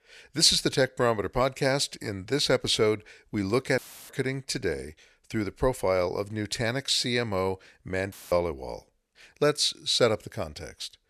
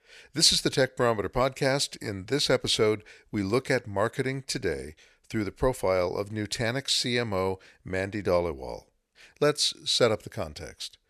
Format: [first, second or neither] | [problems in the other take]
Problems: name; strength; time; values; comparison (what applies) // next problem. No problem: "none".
second | audio cutting out; filled with static; at 4 s and at 8 s